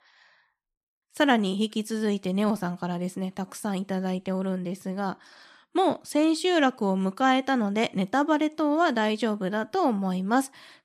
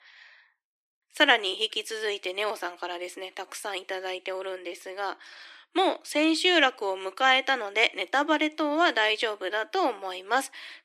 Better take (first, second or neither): first